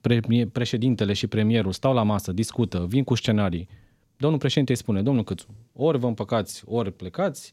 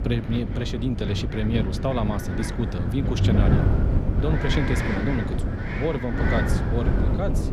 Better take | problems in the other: first | wind noise on the microphone; heavy; as loud as the speech

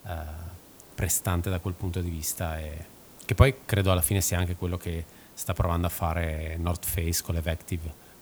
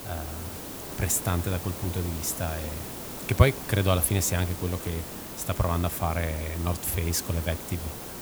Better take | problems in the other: first | hiss; loud; throughout; 9 dB below the speech; faint in the first

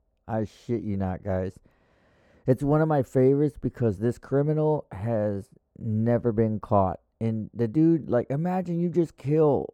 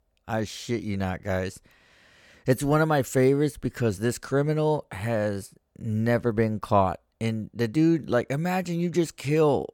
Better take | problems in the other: second | muffled; very; fading above 1.5 kHz

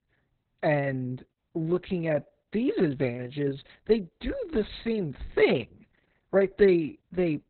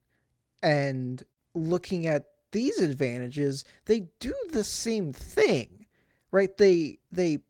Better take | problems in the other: second | garbled, watery; badly; nothing above 4 kHz; slightly in the second

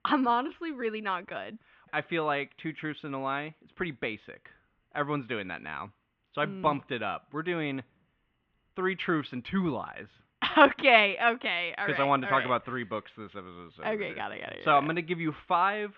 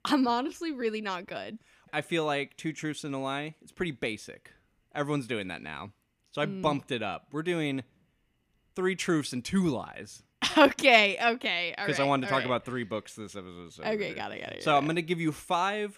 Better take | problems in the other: second | muffled; very; fading above 3.5 kHz

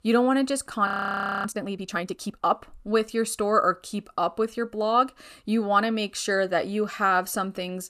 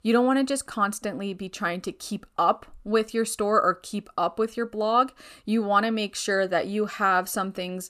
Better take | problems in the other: second | audio freezing; at 1 s for 0.5 s

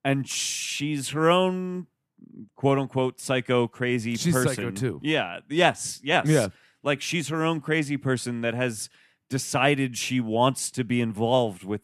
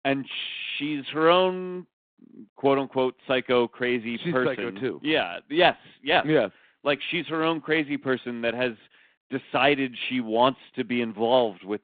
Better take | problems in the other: first | phone-call audio

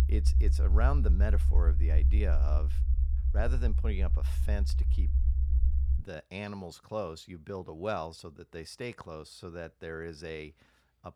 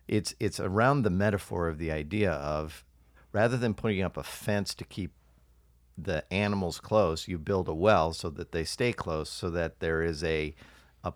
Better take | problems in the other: second | low rumble; loud; until 6 s; 8 dB below the speech

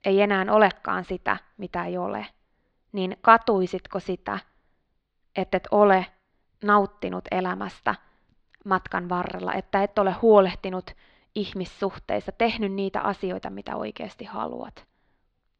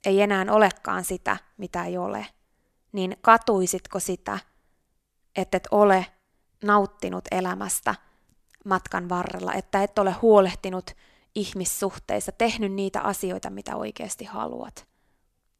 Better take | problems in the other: second | muffled; slightly; fading above 4 kHz

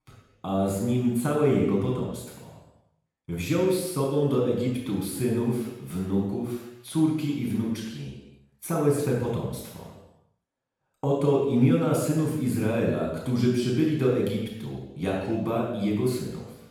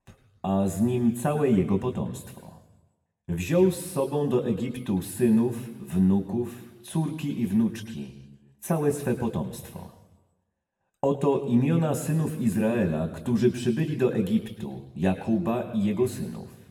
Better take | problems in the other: second | room echo; strong; dies away in 0.9 s; slight in the second // off-mic speech; far; somewhat distant in the second

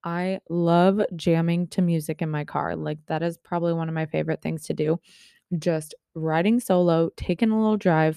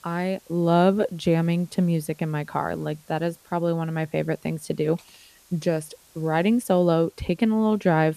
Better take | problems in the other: first | hiss; faint; throughout; 30 dB below the speech

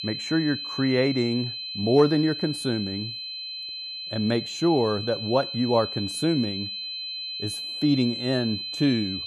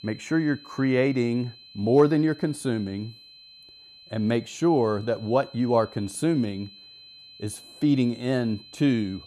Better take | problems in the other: second | high-pitched whine; loud; throughout; 4 kHz, 6 dB below the speech; faint in the second

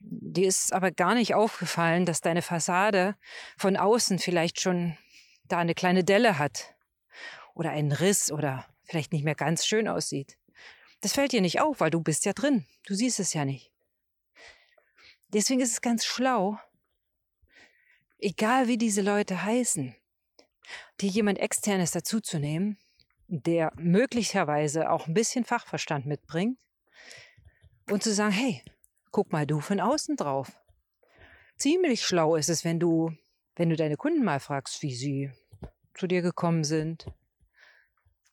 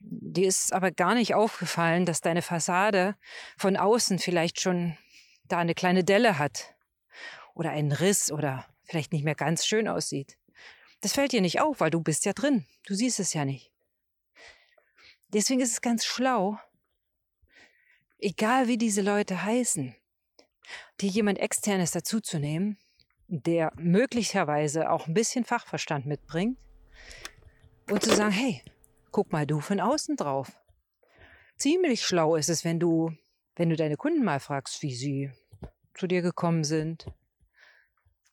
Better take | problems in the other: first | phone ringing; noticeable; from 27 to 28 s; peak level with the speech

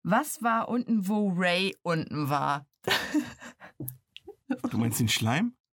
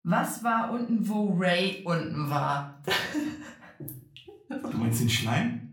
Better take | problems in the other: first | room echo; slight; dies away in 0.4 s // off-mic speech; far

